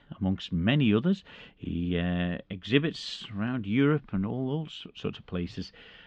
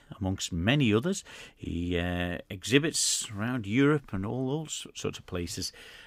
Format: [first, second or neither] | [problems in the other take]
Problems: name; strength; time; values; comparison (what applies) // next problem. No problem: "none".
second | muffled; slightly; fading above 3.5 kHz